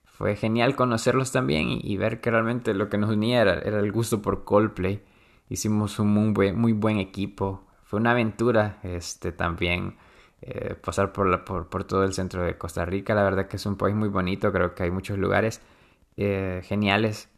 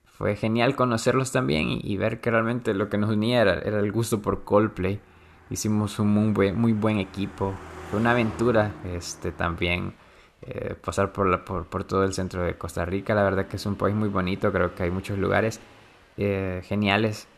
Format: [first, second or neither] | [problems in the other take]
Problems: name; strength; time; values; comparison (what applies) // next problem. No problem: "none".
first | traffic noise; noticeable; throughout; 20 dB below the speech